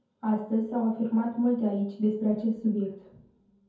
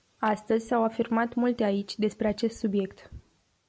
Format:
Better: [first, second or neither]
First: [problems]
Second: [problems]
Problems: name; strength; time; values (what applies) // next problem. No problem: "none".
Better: second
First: room echo; dies away in 0.6 s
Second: none